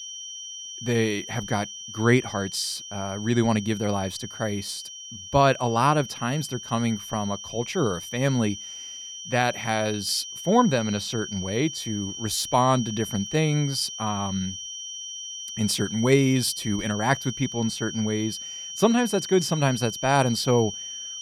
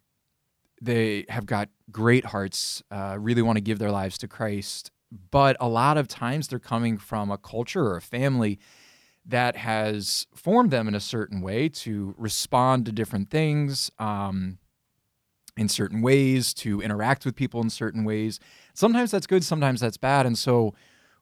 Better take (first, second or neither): second